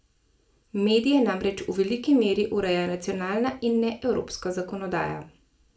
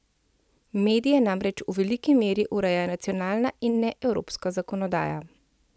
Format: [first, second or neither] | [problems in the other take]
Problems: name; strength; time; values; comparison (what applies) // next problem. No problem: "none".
second | room echo; dies away in 0.3 s